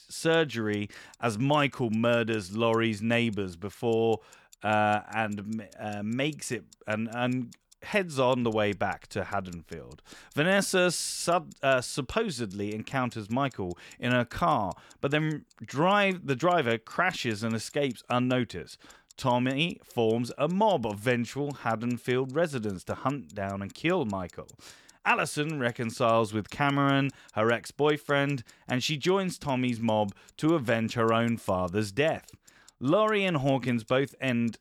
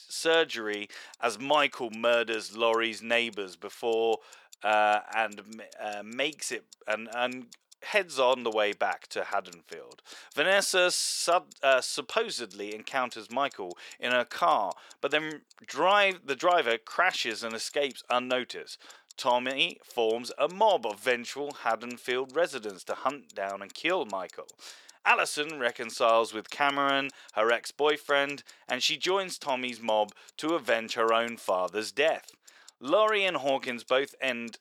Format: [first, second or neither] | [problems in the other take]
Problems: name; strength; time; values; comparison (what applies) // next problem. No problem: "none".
first | thin; somewhat; fading below 500 Hz